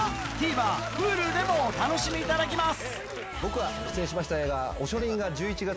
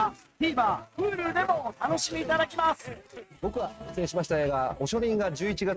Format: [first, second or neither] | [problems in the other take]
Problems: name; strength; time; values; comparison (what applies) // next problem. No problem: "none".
first | noise reduction (neural mask model RNNoise)